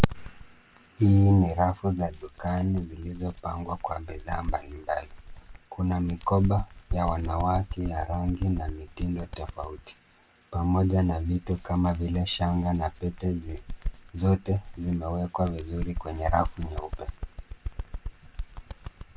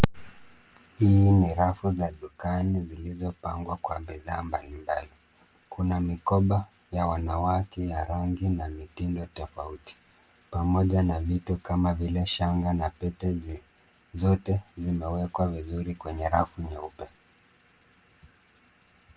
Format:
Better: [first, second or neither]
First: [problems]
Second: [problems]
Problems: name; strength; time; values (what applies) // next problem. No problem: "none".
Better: second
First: background sound (Bird); 10 dB below the speech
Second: none